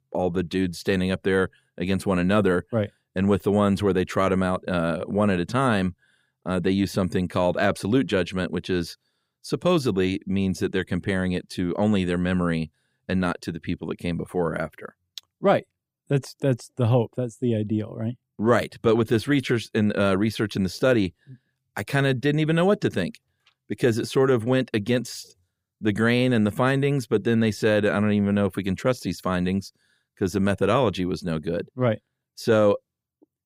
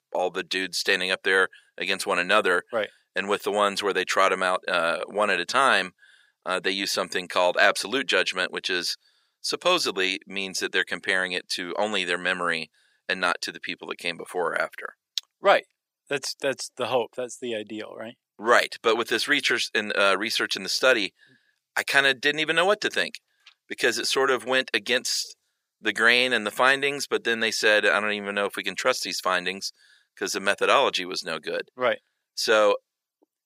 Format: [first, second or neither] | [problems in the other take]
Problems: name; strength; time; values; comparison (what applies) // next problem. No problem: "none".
first | thin; very; fading below 600 Hz